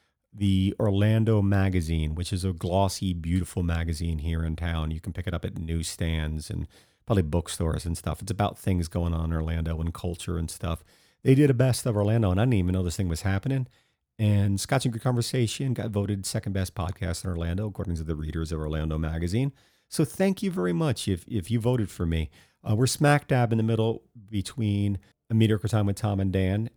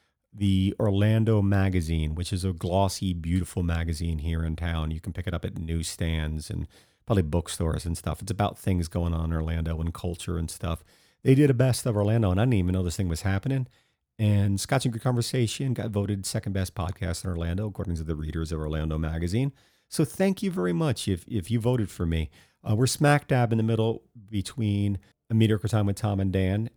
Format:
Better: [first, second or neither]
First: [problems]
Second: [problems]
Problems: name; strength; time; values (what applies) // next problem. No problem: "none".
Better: neither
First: none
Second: none